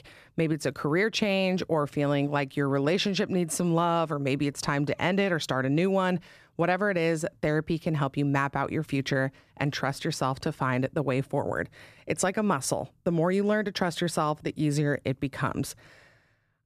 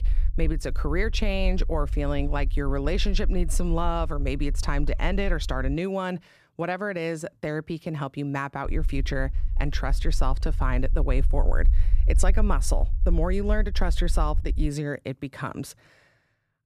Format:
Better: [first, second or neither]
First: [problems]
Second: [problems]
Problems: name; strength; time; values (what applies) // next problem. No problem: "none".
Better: first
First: none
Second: low rumble; faint; until 5.5 s and from 8.5 to 15 s; 20 dB below the speech